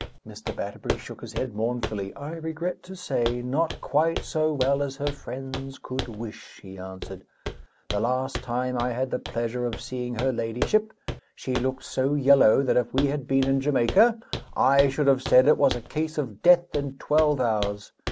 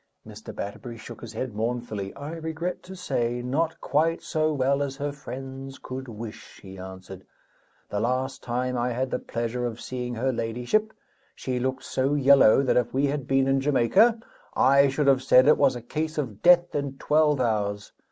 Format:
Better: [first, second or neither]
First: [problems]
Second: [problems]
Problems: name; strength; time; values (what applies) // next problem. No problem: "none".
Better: second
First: background sound (Walk, footsteps); 11 dB below the speech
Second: none